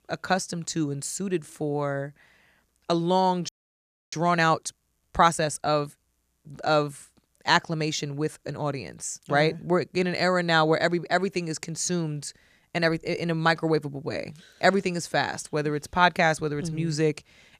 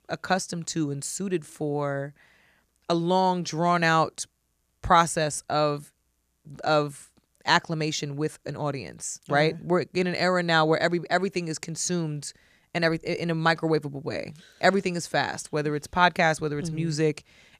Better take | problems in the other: second | audio freezing; at 3.5 s for 0.5 s

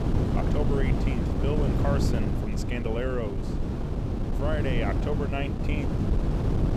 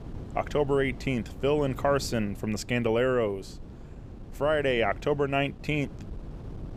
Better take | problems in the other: second | wind noise on the microphone; heavy; 2 dB below the speech; occasional gusts in the second

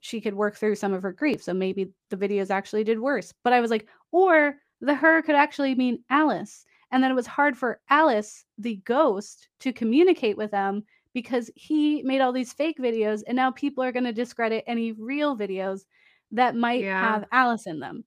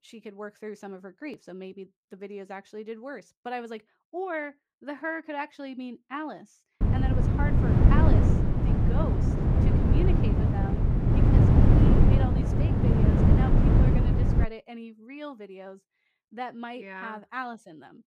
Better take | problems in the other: first | wind noise on the microphone; heavy; from 7 to 14 s; 5 dB above the speech

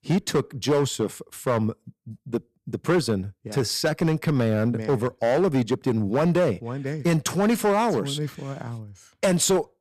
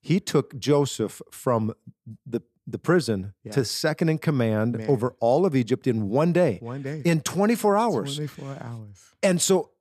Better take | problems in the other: second | distortion; slight; 7% of the sound clipped

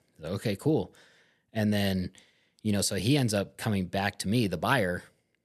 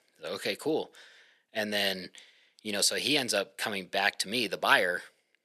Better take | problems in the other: first | thin; somewhat; fading below 400 Hz

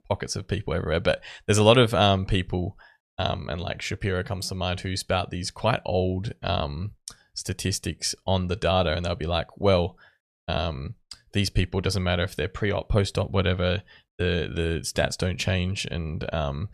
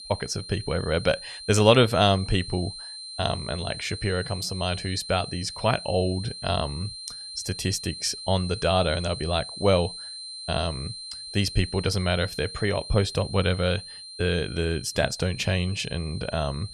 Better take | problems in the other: first | high-pitched whine; noticeable; throughout; 4 kHz, 10 dB below the speech

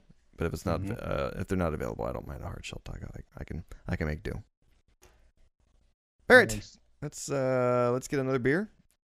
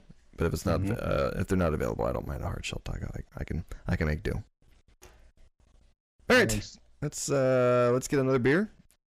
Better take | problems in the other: first | distortion; heavy; 6 dB below the speech

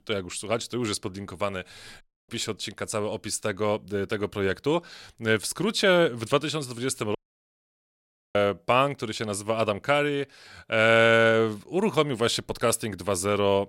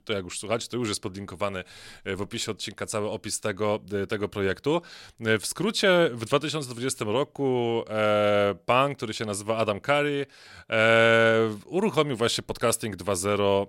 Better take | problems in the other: second | audio cutting out; at 2 s and at 7 s for 1 s

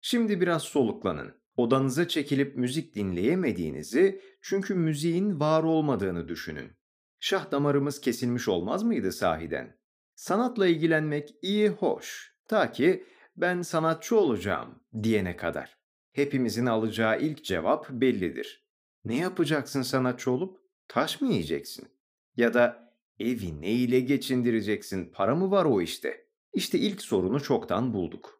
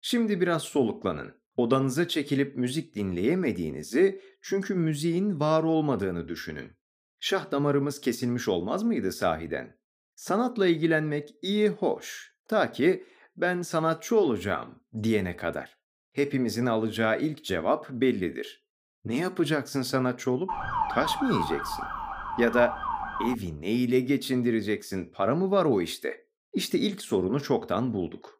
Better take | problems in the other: first | siren; noticeable; from 20 to 23 s; peak 1 dB below the speech

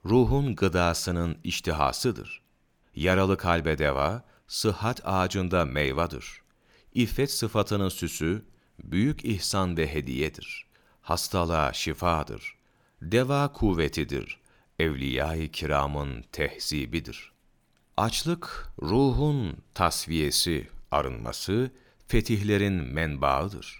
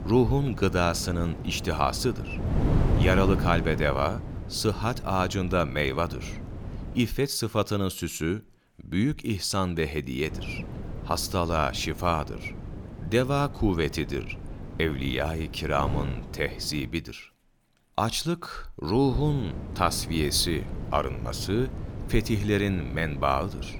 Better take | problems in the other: first | wind noise on the microphone; occasional gusts; until 7 s, from 10 to 17 s and from 19 s on; 15 dB below the speech

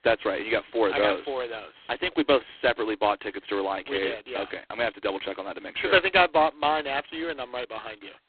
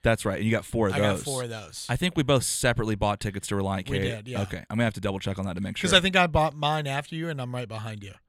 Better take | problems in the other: second | phone-call audio; poor line; nothing above 4 kHz

